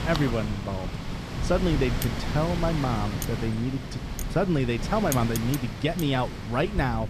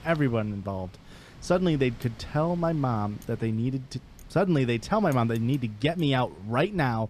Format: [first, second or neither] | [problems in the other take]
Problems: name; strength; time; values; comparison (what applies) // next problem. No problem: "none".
second | wind noise on the microphone; heavy; 6 dB below the speech; occasional gusts in the second